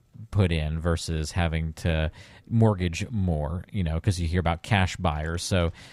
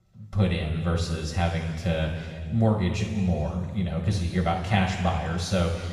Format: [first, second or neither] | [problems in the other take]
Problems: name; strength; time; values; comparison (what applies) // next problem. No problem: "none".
first | room echo; noticeable; dies away in 2.1 s // off-mic speech; far